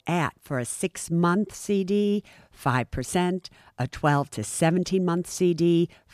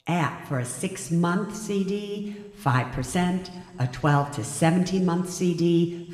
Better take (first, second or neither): first